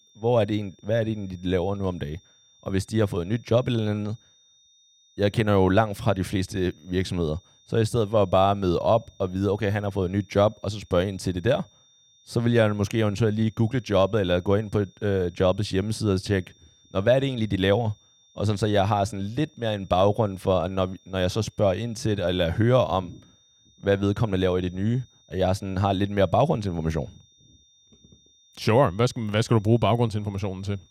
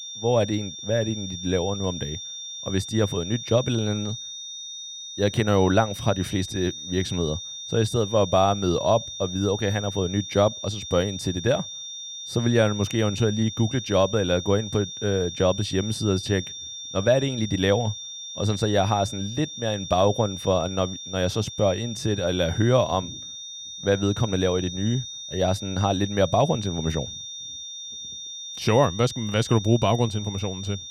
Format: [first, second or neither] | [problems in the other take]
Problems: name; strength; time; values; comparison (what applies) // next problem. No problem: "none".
first | high-pitched whine; loud; throughout; 3.5 kHz, 9 dB below the speech; faint in the first